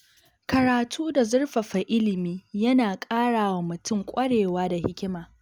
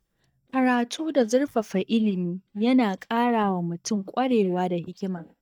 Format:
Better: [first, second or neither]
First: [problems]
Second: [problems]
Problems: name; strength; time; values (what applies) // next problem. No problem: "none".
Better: first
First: none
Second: noise reduction (neural mask model DeepFilterNet 3)